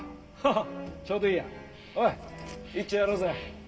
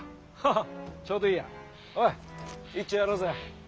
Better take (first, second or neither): second